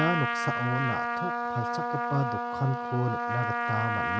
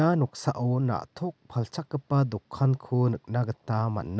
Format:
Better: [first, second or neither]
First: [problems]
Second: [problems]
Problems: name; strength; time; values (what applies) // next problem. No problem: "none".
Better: second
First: background sound (Trumpet); 1 dB above the speech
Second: none